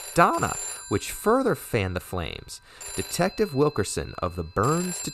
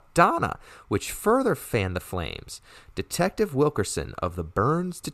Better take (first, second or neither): second